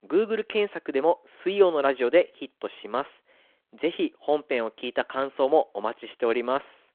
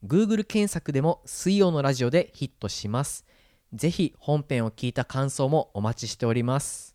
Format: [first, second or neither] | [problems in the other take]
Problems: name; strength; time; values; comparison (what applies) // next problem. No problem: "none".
second | phone-call audio